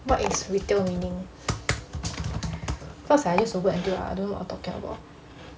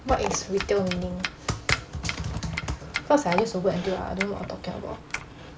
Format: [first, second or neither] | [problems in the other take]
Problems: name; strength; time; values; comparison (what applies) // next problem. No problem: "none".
first | background sound (Domestic sounds, home sounds); 9 dB below the speech